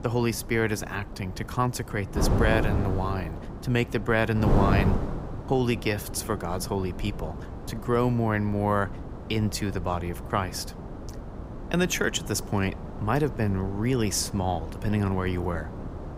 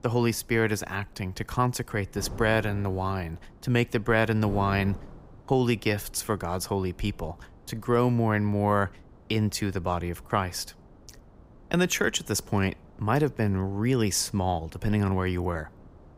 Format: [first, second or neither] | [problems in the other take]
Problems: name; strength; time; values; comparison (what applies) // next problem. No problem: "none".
second | wind noise on the microphone; heavy; 10 dB below the speech; occasional gusts in the second